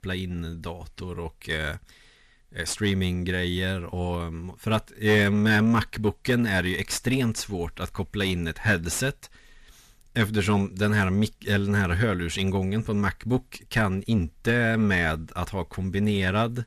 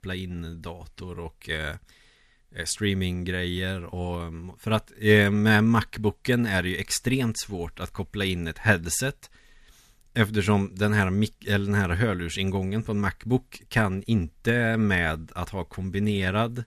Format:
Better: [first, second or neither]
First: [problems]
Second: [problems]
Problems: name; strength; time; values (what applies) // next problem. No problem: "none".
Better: second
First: distortion; slight; 10 dB below the speech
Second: none